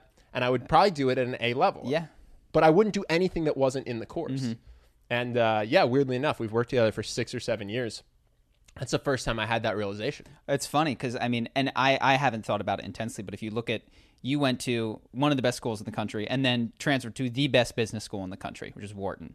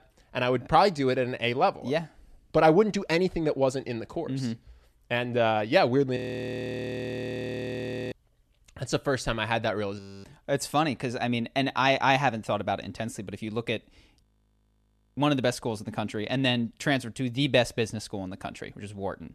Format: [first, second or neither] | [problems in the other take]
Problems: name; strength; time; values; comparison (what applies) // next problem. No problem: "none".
first | audio freezing; at 6 s for 2 s, at 10 s and at 14 s for 1 s